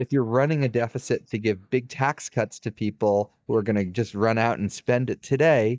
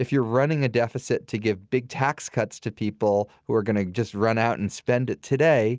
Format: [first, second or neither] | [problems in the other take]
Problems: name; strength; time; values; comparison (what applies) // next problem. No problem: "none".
second | noise reduction (neural mask model DeepFilterNet 3)